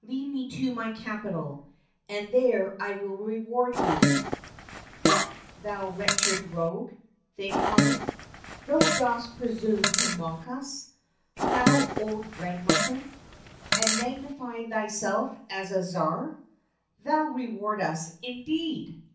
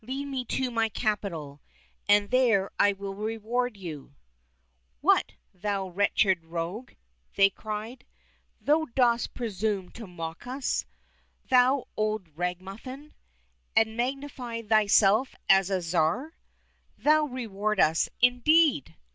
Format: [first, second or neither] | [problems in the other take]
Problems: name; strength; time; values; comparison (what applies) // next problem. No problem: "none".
second | background sound (Fart); 3 dB above the speech // room echo; dies away in 0.6 s